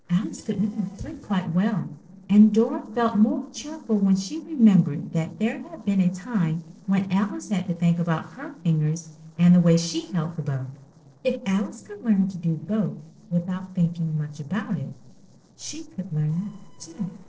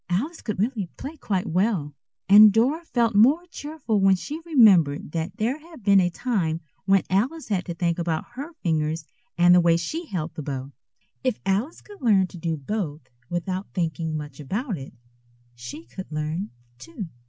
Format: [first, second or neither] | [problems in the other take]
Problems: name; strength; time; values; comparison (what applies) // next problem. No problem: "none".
second | noise reduction (neural separator model SepFormer DNS4)